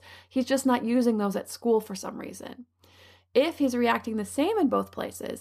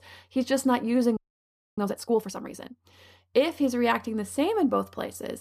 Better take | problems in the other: first | audio freezing; at 1 s for 0.5 s

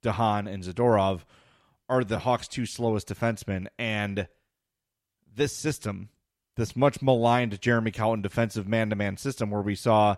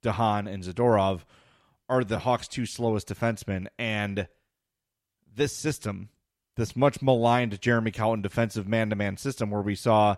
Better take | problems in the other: neither | none

